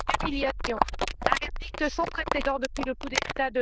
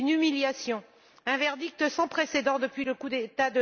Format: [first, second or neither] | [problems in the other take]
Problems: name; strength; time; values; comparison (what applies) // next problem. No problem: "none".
second | noise reduction (neural diffusion model UNIVERSE++)